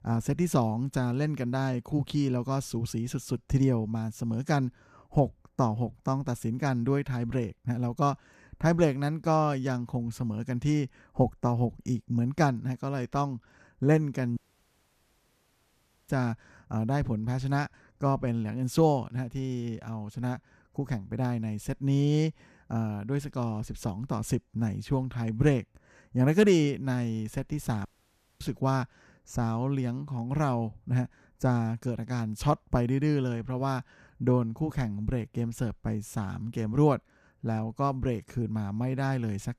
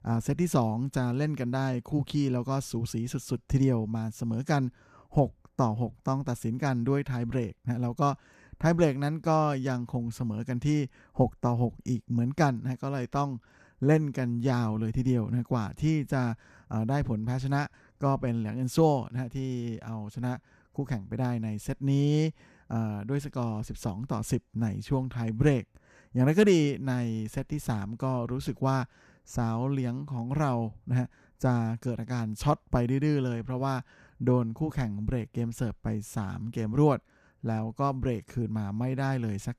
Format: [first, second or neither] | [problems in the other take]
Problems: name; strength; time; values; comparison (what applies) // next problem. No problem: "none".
second | audio cutting out; at 14 s for 1.5 s and at 28 s for 0.5 s